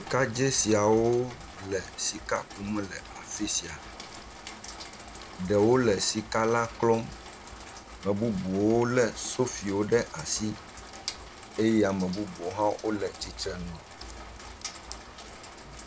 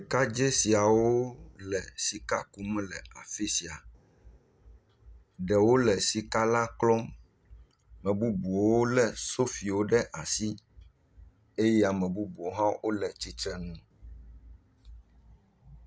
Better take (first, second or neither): second